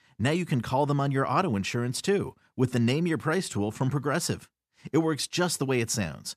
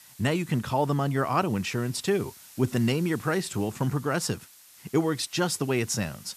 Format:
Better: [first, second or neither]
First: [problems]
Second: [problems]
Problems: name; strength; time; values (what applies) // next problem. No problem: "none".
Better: first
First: none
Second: hiss; faint; throughout; 20 dB below the speech